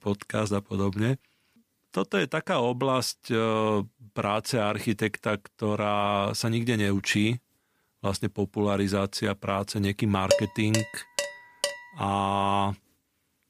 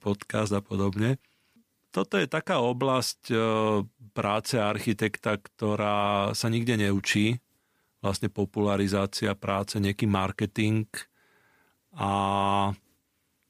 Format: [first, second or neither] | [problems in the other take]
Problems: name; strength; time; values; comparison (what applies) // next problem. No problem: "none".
second | clattering dishes; loud; from 10 to 12 s; peak 1 dB above the speech